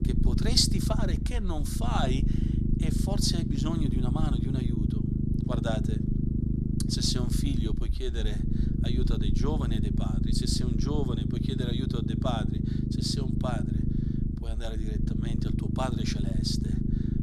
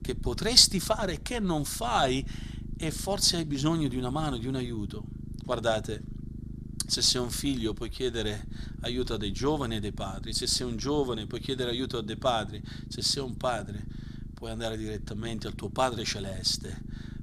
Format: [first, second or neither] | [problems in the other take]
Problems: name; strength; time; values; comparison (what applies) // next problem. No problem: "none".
second | low rumble; loud; throughout; 4 dB below the speech; faint in the second